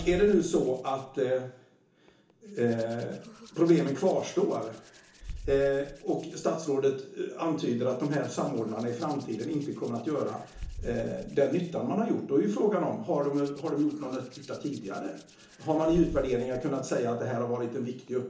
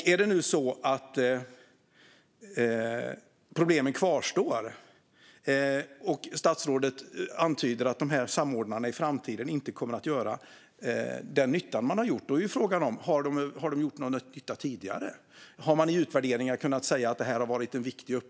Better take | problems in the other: second | background sound (Hands); 18 dB below the speech // room echo; dies away in 0.8 s

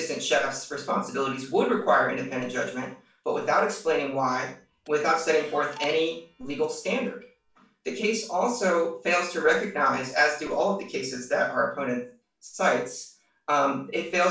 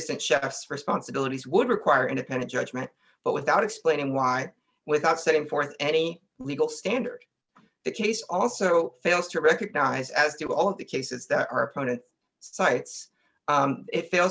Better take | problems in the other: second | background sound (Clock); 19 dB below the speech // room echo; dies away in 0.4 s

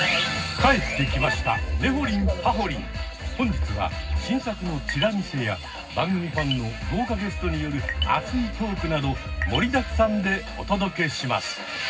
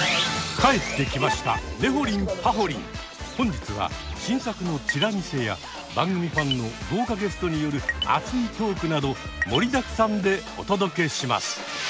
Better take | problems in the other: second | room echo; dies away in 0.4 s

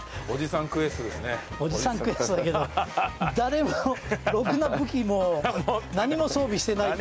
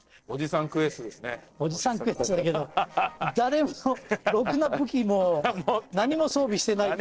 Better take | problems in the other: first | noise reduction (neural separator model SepFormer DNS4)

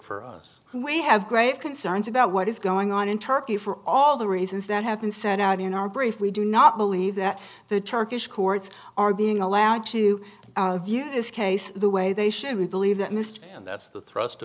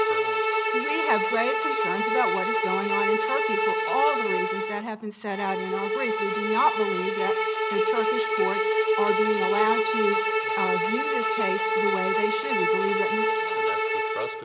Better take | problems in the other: first | background sound (Bowed string instrument); 5 dB above the speech

